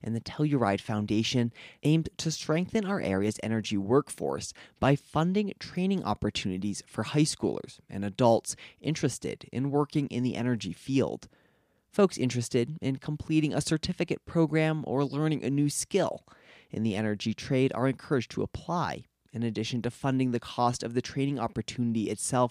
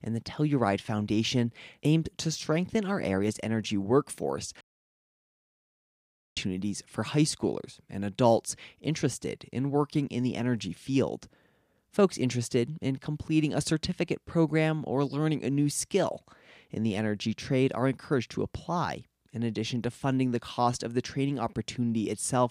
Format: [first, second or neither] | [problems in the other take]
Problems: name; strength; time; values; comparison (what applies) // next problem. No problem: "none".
first | audio cutting out; at 4.5 s for 2 s